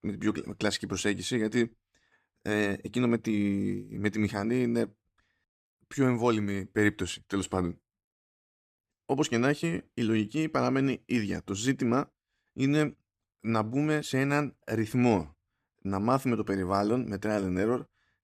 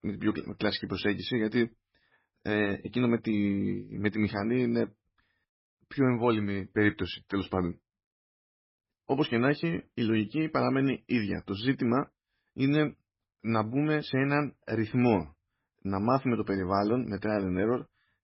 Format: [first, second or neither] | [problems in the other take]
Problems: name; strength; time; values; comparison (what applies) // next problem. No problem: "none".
first | garbled, watery; badly; nothing above 5.5 kHz